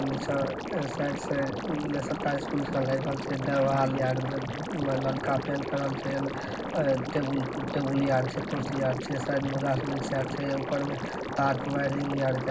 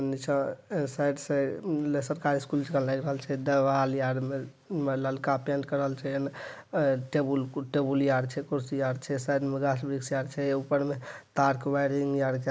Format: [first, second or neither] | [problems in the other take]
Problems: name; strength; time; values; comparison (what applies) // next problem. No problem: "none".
second | background sound (Liquid); 4 dB below the speech // room echo; dies away in 0.4 s